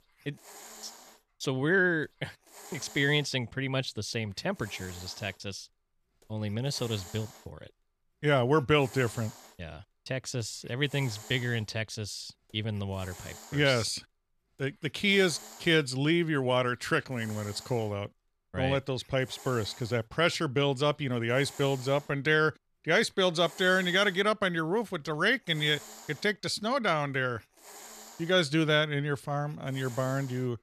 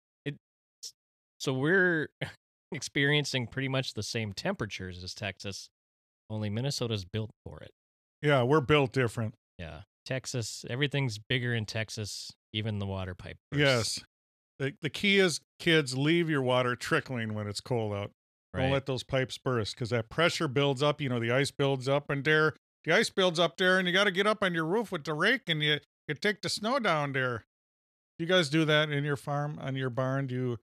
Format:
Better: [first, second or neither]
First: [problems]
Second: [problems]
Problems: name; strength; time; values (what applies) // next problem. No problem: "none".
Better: second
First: hiss; noticeable; throughout; 20 dB below the speech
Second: none